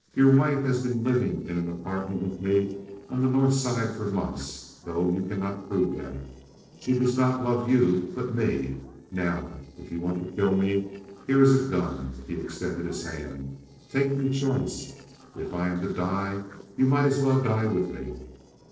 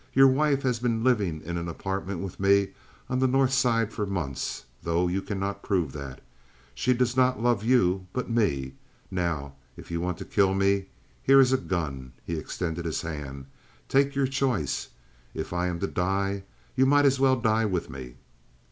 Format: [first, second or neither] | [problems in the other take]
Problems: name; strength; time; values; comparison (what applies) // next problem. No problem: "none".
second | noise reduction (neural separator model SepFormer DNS4)